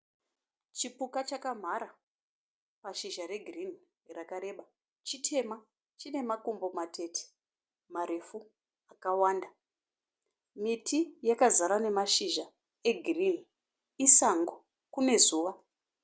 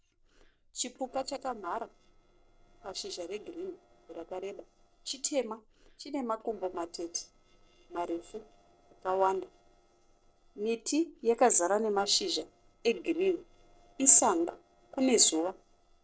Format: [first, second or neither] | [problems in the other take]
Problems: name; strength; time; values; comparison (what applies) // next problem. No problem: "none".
first | noise reduction (neural separator model SepFormer DNS4)